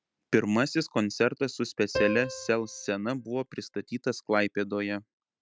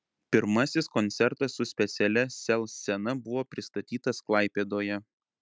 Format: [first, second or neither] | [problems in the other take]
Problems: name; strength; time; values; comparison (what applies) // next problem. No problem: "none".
second | background sound (Piano); 10 dB below the speech